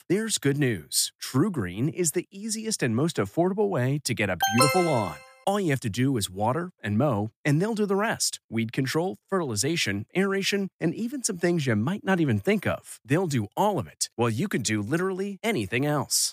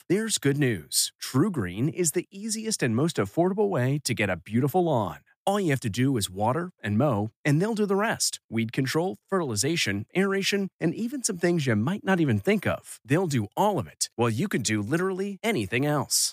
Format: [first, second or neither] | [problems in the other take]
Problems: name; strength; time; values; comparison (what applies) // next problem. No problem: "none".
second | alarm; loud; at 4.5 s; peak 4 dB above the speech